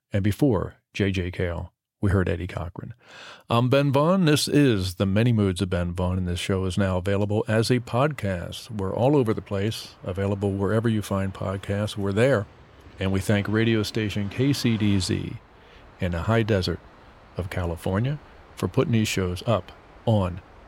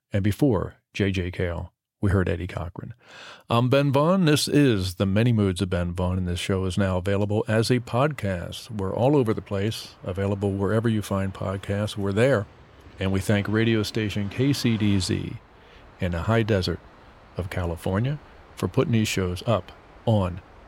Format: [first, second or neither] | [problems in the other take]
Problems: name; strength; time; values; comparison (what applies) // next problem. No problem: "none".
neither | train or aircraft noise; faint; from 7.5 s on; 25 dB below the speech; the same in both